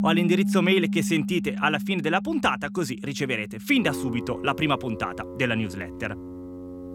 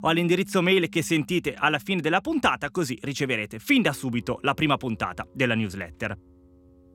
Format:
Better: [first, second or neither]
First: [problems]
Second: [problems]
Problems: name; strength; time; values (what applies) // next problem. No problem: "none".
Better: second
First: background music; loud; throughout; 6 dB below the speech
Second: background music; faint; throughout; 25 dB below the speech